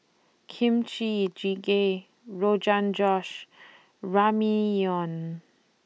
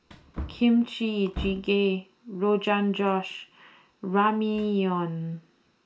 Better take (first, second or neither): first